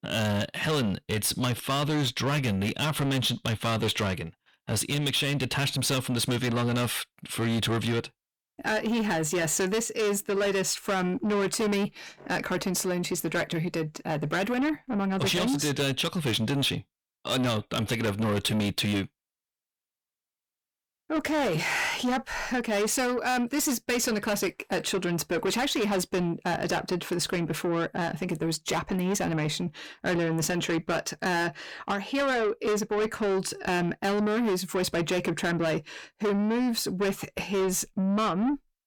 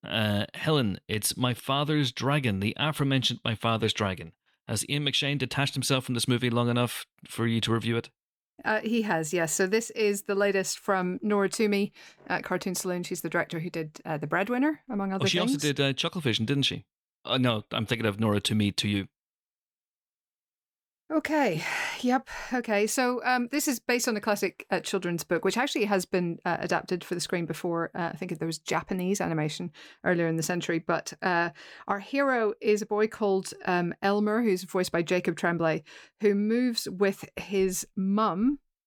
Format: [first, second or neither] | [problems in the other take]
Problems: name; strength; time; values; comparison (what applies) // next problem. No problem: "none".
second | distortion; heavy; 7 dB below the speech